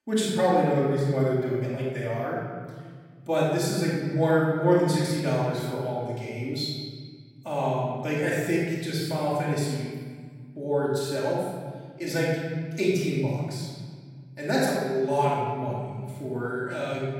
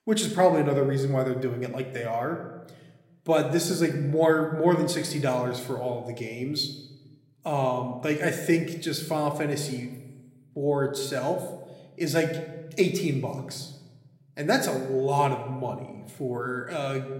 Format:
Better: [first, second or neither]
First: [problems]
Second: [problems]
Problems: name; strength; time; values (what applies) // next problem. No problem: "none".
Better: second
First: room echo; strong; dies away in 1.8 s // off-mic speech; far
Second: room echo; slight; dies away in 0.9 s